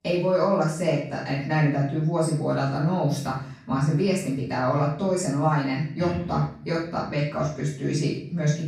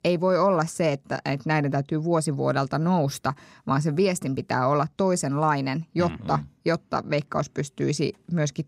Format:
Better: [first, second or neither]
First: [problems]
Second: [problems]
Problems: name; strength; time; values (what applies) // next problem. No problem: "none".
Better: second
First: off-mic speech; far // room echo; noticeable; dies away in 0.5 s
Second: none